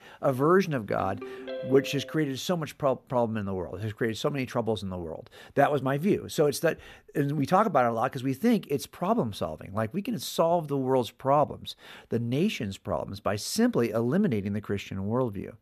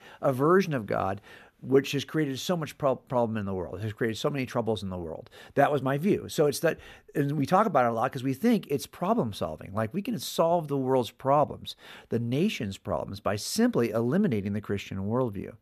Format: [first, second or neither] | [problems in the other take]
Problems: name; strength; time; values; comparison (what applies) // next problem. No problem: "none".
second | phone ringing; noticeable; from 1 to 2 s; peak 9 dB below the speech